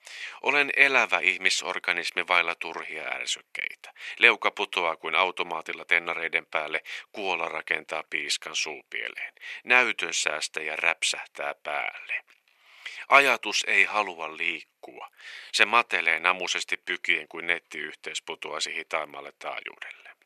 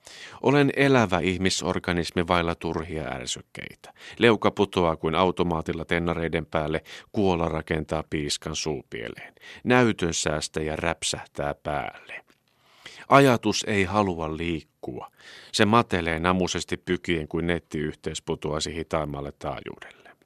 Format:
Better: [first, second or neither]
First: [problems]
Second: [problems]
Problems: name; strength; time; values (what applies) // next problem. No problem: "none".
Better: second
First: thin; very; fading below 650 Hz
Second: none